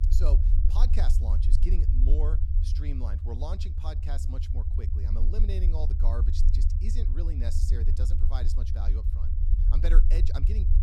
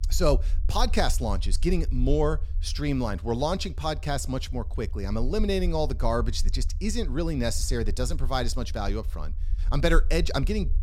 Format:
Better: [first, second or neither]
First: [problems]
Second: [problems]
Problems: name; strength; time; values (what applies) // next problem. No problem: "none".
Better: second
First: low rumble; loud; throughout; 4 dB below the speech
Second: low rumble; faint; throughout; 25 dB below the speech